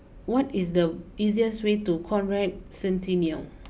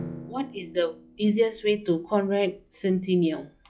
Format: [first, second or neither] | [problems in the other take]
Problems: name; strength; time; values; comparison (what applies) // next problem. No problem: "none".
first | noise reduction (classical method log-MMSE)